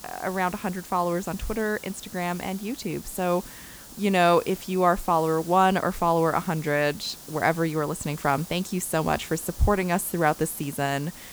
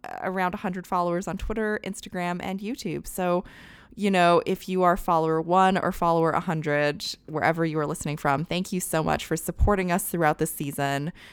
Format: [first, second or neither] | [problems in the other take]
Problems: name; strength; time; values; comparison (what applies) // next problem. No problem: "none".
second | hiss; noticeable; throughout; 15 dB below the speech